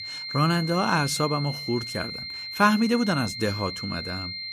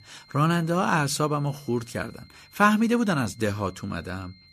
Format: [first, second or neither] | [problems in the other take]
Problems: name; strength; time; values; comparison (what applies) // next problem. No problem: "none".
second | high-pitched whine; loud; throughout; 4 kHz, 7 dB below the speech; faint in the second